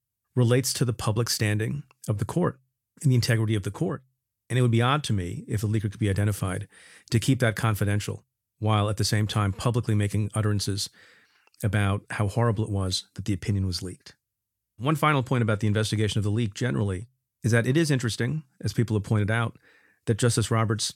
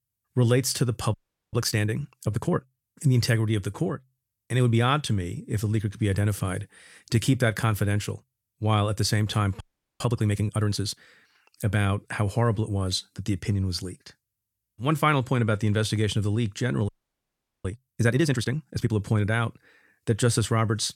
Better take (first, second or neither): first